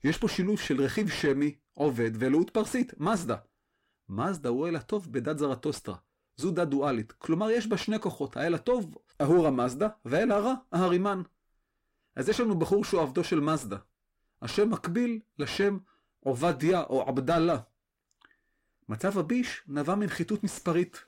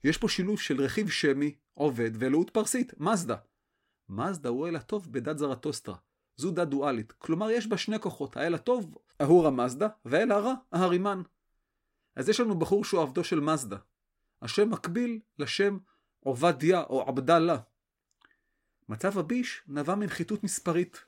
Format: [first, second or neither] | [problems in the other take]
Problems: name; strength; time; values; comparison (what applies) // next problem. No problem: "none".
second | distortion; slight; 10 dB below the speech